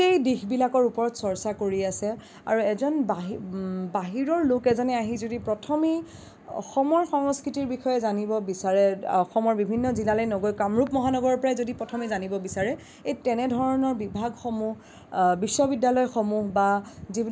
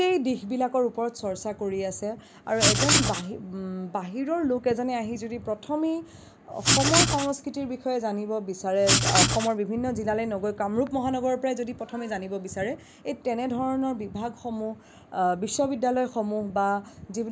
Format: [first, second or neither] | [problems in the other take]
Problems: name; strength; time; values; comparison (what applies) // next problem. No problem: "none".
first | background sound (Writing); 5 dB above the speech